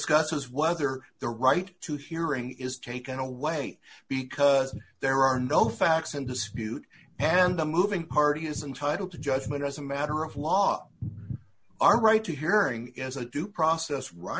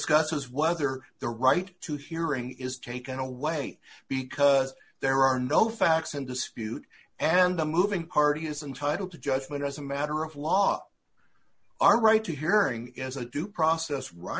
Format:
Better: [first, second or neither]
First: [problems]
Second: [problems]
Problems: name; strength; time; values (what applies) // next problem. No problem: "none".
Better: second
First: background sound (Bass guitar); 13 dB below the speech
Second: none